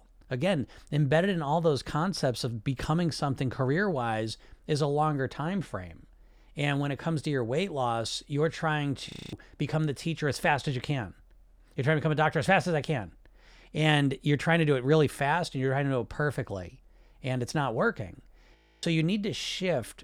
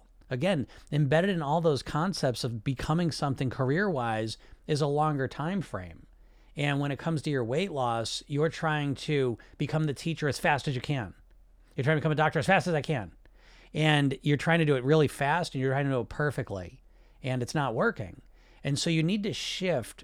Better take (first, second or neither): second